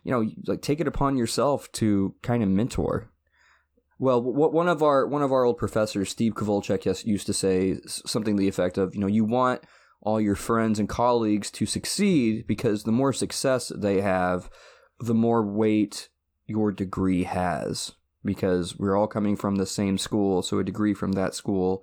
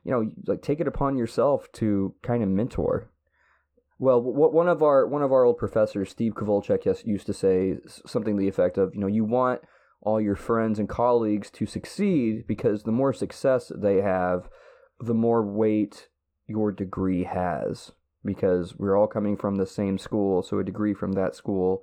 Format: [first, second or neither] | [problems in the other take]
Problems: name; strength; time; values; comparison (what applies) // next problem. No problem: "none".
first | muffled; very; fading above 3 kHz